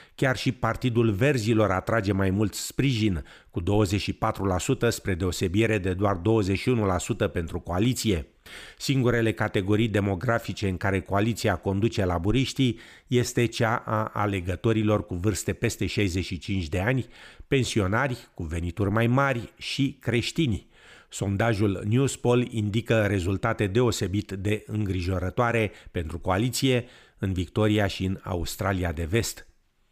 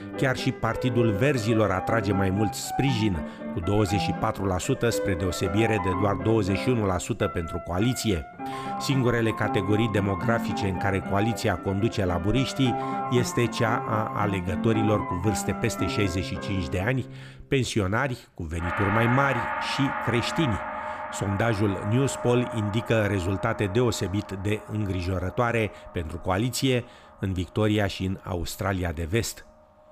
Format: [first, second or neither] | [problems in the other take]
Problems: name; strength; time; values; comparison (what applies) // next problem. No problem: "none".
first | background music; loud; throughout; 6 dB below the speech